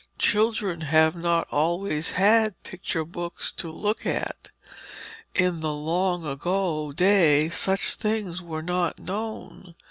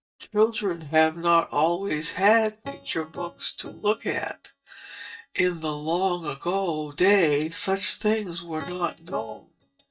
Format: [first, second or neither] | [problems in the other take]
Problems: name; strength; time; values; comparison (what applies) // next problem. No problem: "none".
first | noise reduction (neural mask model DeepFilterNet 3)